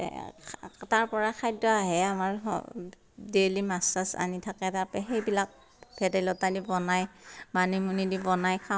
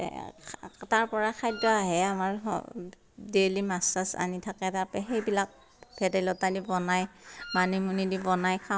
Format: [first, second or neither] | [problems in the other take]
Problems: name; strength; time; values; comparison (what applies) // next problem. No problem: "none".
first | background sound (Wind instrument, woodwind instrument); 11 dB below the speech